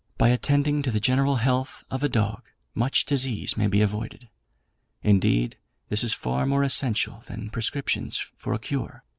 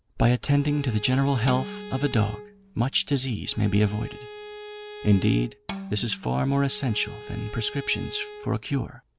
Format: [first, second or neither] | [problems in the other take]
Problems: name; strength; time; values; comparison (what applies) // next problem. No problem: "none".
first | background sound (Bowed string instrument + Bowed string instrument); 14 dB below the speech